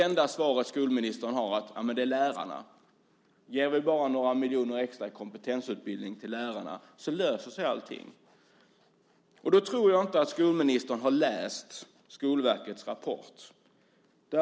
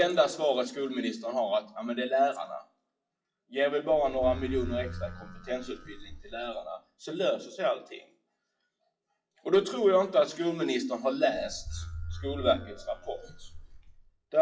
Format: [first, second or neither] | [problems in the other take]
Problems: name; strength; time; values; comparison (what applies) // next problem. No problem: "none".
first | noise reduction (classical method WPE with log-MMSE)